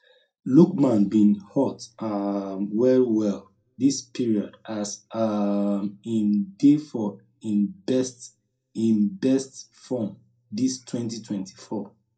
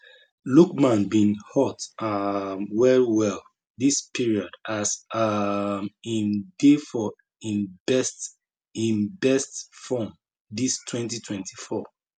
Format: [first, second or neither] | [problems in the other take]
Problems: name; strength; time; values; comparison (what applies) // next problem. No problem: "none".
second | room echo; dies away in 0.2 s